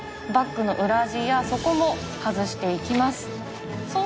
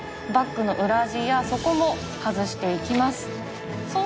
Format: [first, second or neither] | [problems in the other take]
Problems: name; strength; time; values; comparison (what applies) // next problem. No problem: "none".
first | background sound (Wind instrument, woodwind instrument); 18 dB below the speech